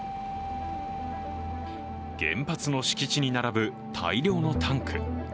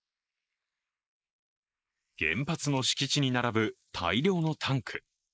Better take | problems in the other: first | noise reduction (neural mask model Resemble Enhance denoiser)

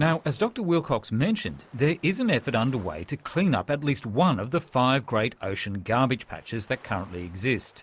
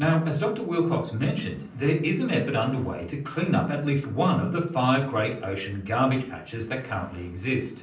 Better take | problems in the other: first | room echo; dies away in 0.6 s

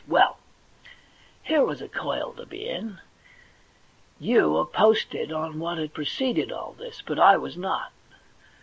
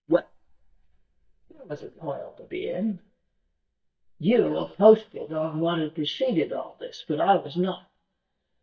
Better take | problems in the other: first | noise reduction (neural mask model DeepFilterNet 3)

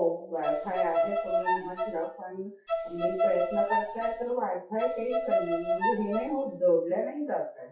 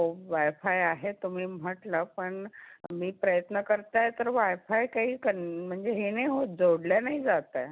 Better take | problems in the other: second | noise reduction (classical method WPE with log-MMSE)

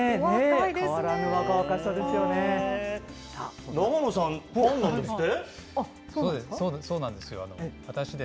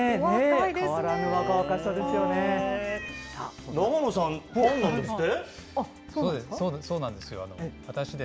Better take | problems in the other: first | background sound (Meow); 15 dB below the speech

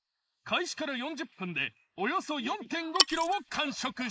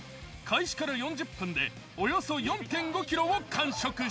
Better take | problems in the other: second | noise reduction (neural mask model Resemble Enhance denoiser)

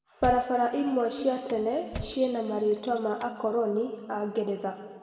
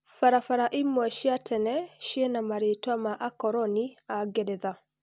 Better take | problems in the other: second | background sound (Thump, thud); 16 dB below the speech // room echo; dies away in 1.9 s

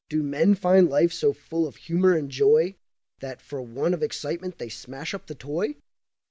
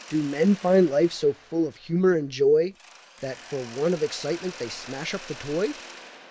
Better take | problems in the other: first | background sound (Mechanisms); 19 dB below the speech

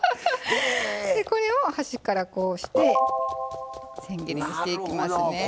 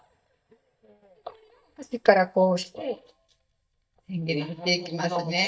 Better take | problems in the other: first | noise reduction (neural mask model DeepFilterNet 3)

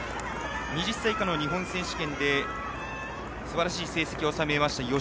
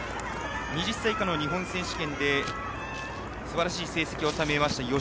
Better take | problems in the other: first | background sound (Scissors + Bowed string instrument); 14 dB below the speech

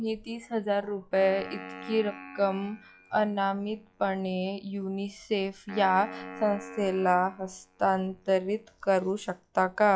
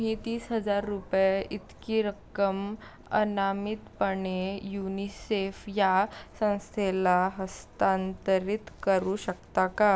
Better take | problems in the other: second | noise reduction (classical method log-MMSE)

